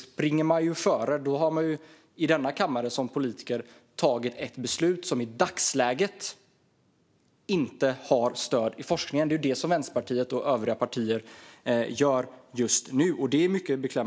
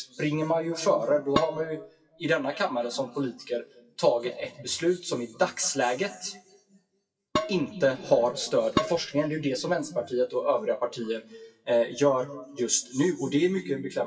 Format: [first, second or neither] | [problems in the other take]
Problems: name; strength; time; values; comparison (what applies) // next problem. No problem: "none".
first | noise reduction (classical method WPE with log-MMSE)